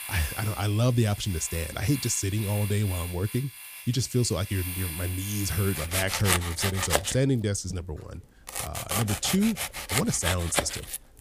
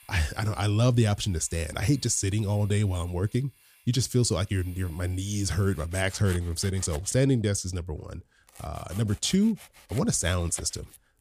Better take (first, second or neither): second